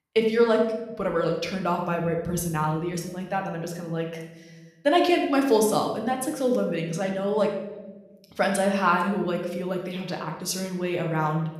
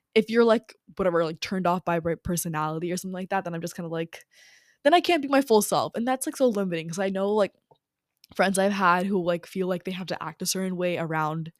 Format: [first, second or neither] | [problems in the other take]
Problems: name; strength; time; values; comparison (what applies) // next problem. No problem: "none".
second | room echo; noticeable; dies away in 0.8 s // off-mic speech; somewhat distant